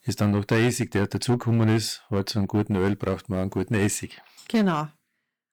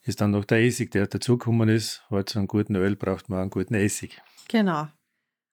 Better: second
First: distortion; slight; 6% of the sound clipped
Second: none

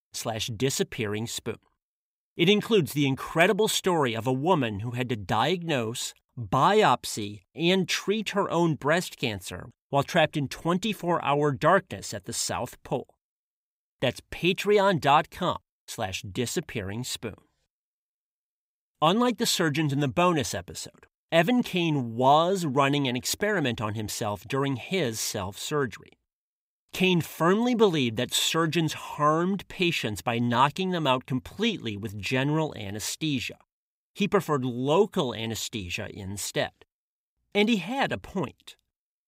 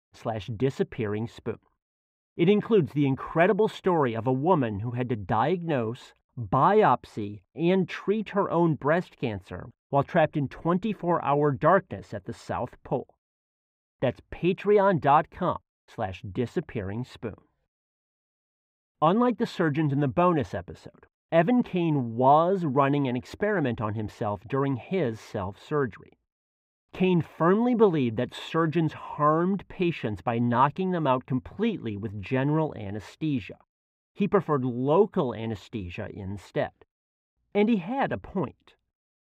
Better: first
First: none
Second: muffled; very; fading above 3.5 kHz

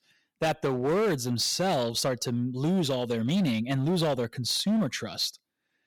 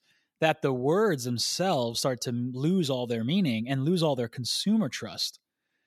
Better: second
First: distortion; slight; 12% of the sound clipped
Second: none

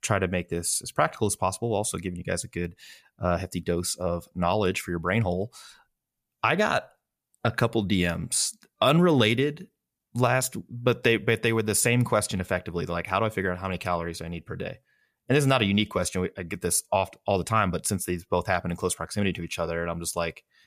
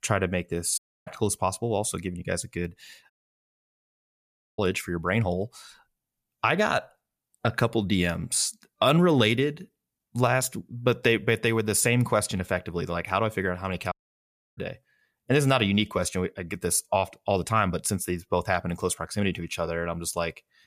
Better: first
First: none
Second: audio cutting out; at 1 s, at 3 s for 1.5 s and at 14 s for 0.5 s

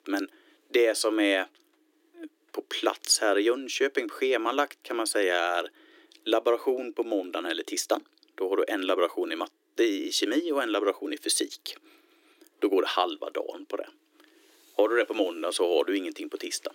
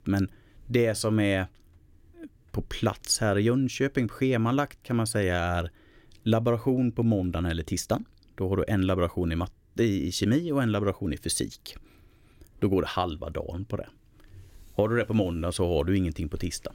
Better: second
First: thin; somewhat; fading below 300 Hz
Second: none

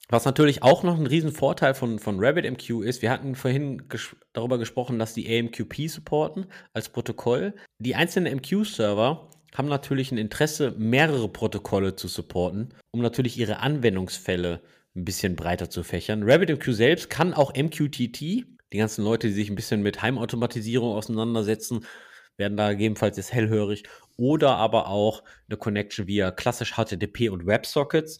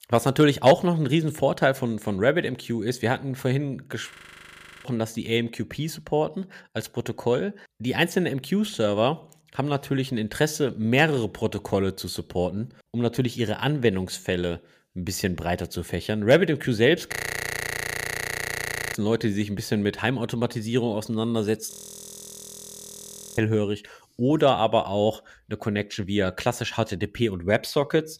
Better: first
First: none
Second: audio freezing; at 4 s for 0.5 s, at 17 s for 2 s and at 22 s for 1.5 s

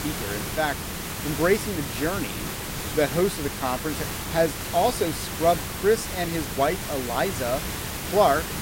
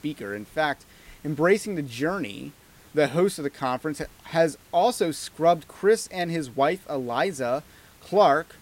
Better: second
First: hiss; loud; throughout; 5 dB below the speech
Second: hiss; faint; throughout; 25 dB below the speech

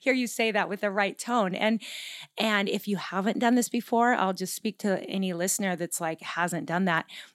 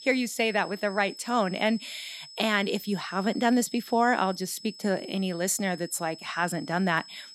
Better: first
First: none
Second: high-pitched whine; noticeable; throughout; 5 kHz, 15 dB below the speech

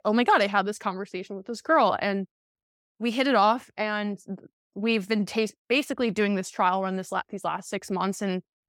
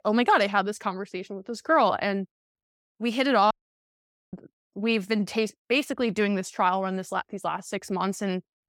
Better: first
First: none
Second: audio cutting out; at 3.5 s for 1 s

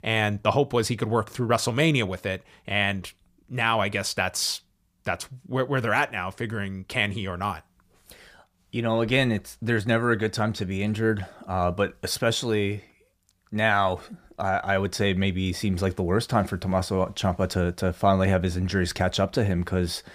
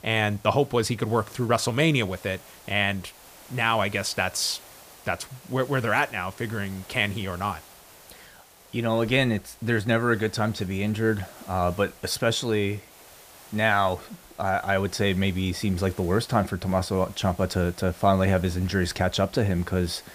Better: first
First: none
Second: hiss; faint; throughout; 20 dB below the speech

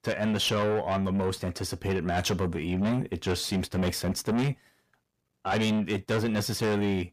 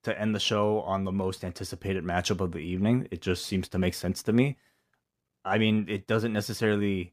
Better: second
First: distortion; heavy; 7 dB below the speech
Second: none

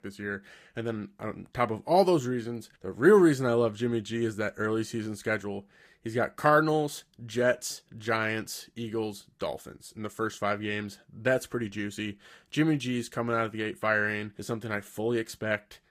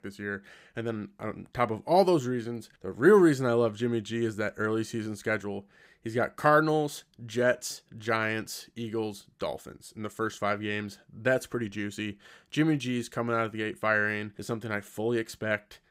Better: second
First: garbled, watery; slightly; nothing above 15.5 kHz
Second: none

